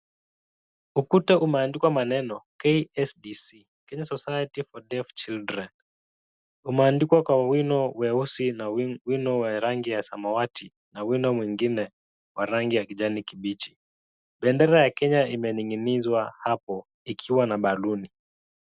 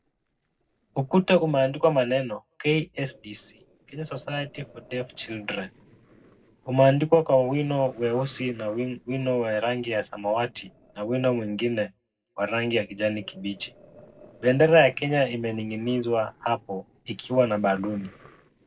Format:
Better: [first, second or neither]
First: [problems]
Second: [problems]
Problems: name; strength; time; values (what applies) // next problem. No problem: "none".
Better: first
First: none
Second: noise reduction (neural separator model SepFormer DNS4)